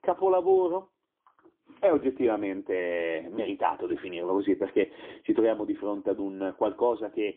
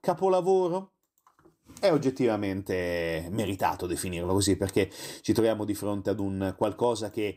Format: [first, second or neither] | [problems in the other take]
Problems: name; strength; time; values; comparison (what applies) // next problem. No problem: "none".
second | phone-call audio; poor line; nothing above 3.5 kHz